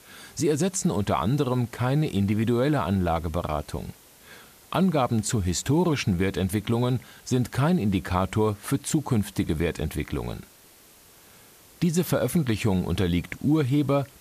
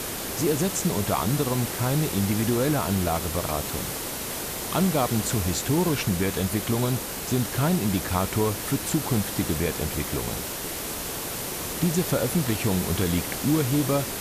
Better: first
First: hiss; faint; throughout; 25 dB below the speech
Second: hiss; loud; throughout; 4 dB below the speech

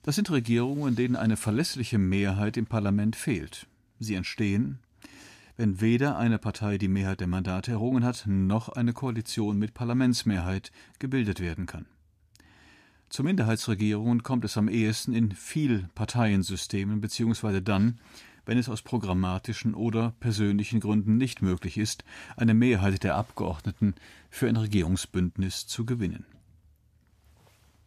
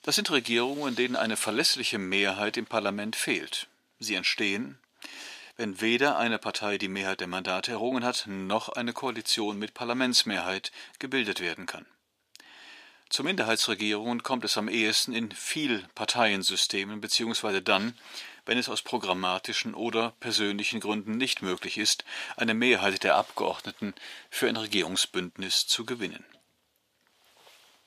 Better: first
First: none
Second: thin; very; fading below 500 Hz

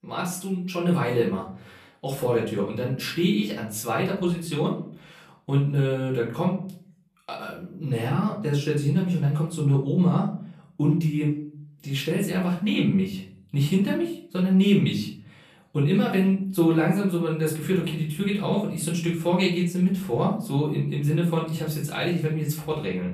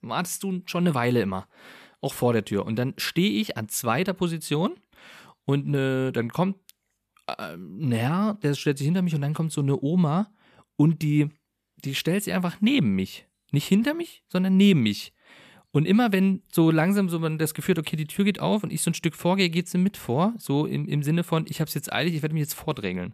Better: second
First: off-mic speech; far // room echo; slight; dies away in 0.4 s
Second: none

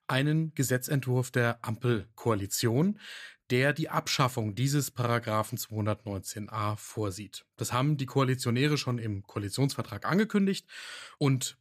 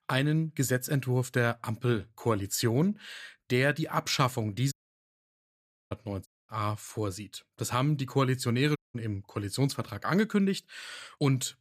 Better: first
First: none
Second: audio cutting out; at 4.5 s for 1 s, at 6.5 s and at 9 s

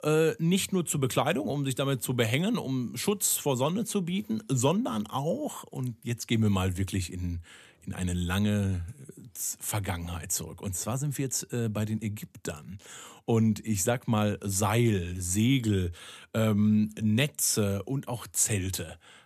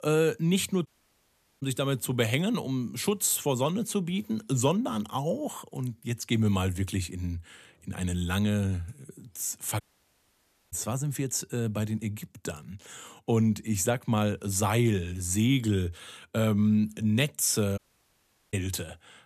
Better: first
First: none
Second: audio cutting out; at 1 s for 1 s, at 10 s for 1 s and at 18 s for 1 s

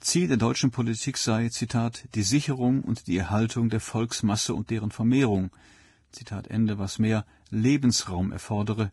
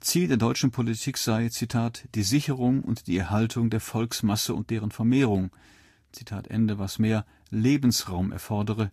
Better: second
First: garbled, watery; badly; nothing above 11.5 kHz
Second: garbled, watery; slightly; nothing above 14.5 kHz

